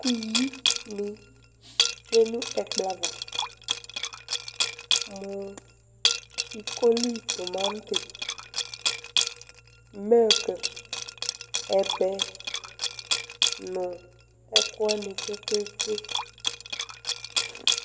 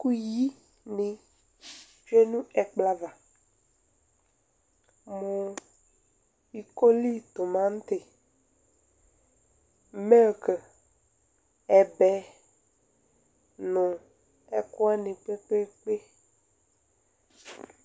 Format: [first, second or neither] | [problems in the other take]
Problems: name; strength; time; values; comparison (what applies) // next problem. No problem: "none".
second | background sound (Liquid); as loud as the speech // room echo; dies away in 0.9 s